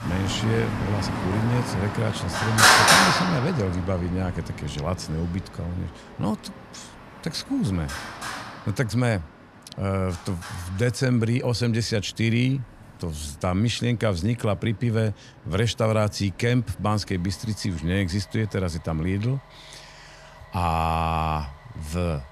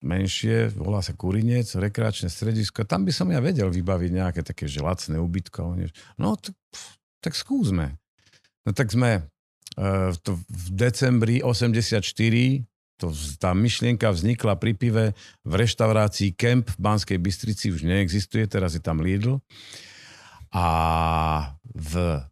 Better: second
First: traffic noise; very loud; throughout; 3 dB above the speech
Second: none

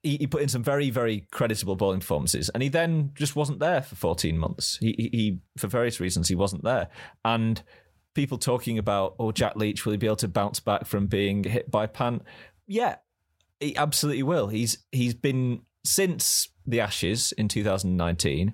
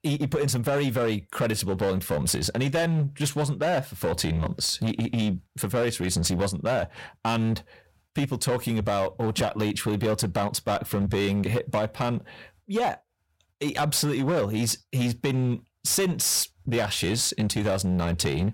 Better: first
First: none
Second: distortion; slight; 14% of the sound clipped

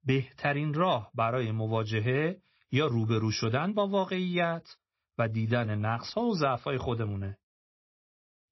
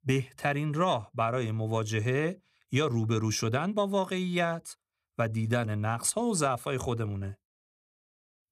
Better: second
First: garbled, watery; slightly; nothing above 5.5 kHz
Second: none

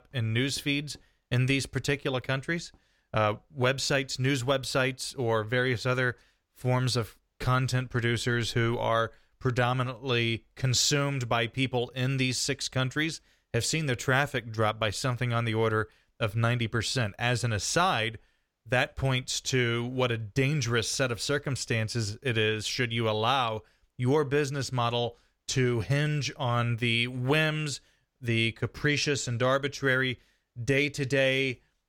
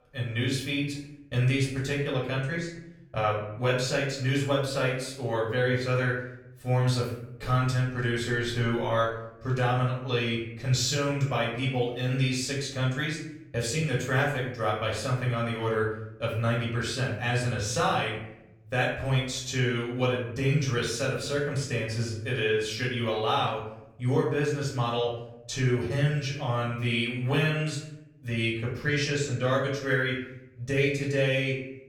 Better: first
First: none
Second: room echo; noticeable; dies away in 0.7 s // off-mic speech; far

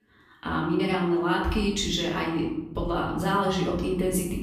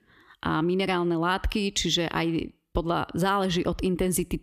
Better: second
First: off-mic speech; far // room echo; noticeable; dies away in 0.9 s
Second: none

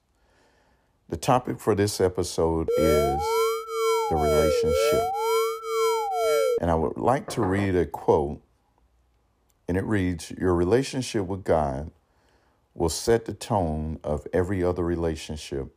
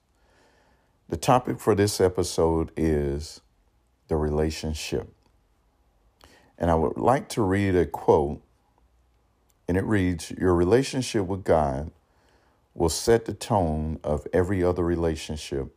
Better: second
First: alarm; loud; from 2.5 to 6.5 s; peak 4 dB above the speech // door banging; noticeable; at 7.5 s; peak 9 dB below the speech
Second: none

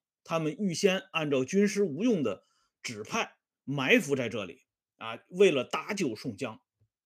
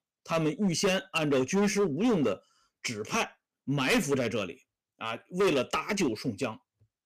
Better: first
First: none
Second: distortion; heavy; 8% of the sound clipped

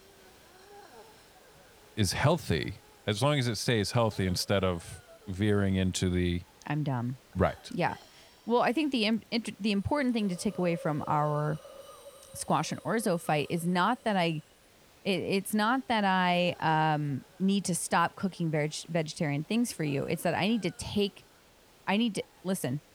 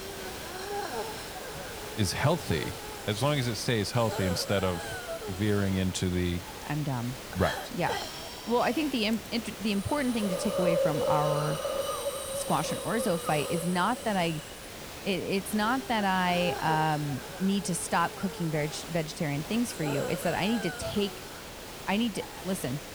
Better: first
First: hiss; faint; throughout; 25 dB below the speech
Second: hiss; loud; throughout; 6 dB below the speech

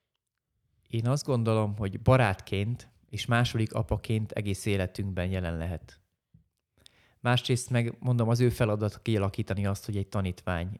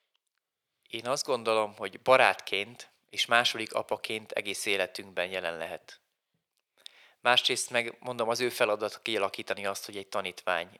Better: first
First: none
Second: thin; very; fading below 600 Hz

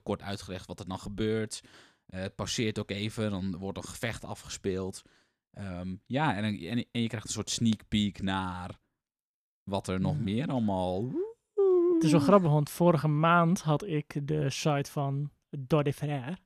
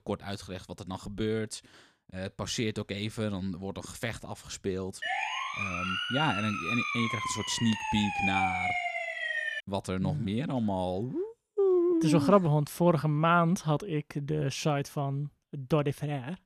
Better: first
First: none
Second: siren; loud; from 5 to 9.5 s; peak 3 dB above the speech

